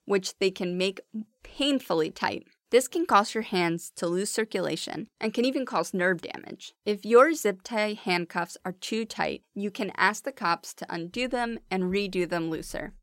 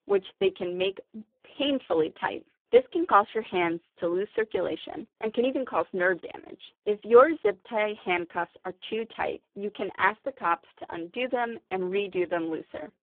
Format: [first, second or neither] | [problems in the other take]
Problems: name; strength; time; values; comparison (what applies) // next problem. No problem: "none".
first | phone-call audio; poor line